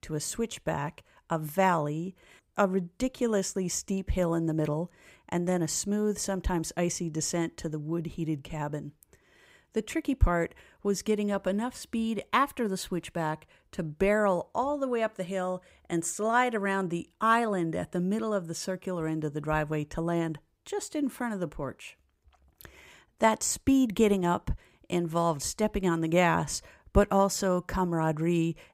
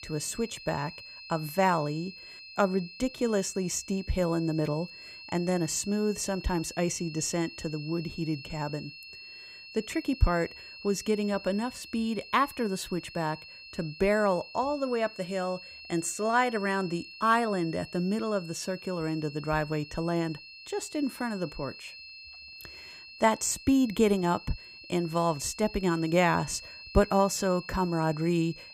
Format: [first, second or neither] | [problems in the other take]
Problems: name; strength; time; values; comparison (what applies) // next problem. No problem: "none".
first | high-pitched whine; noticeable; throughout; 2.5 kHz, 15 dB below the speech